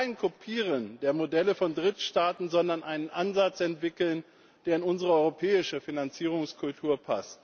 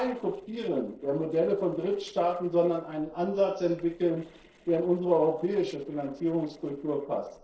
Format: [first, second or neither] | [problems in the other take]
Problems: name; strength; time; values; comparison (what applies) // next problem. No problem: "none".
first | noise reduction (neural separator model SepFormer DNS4)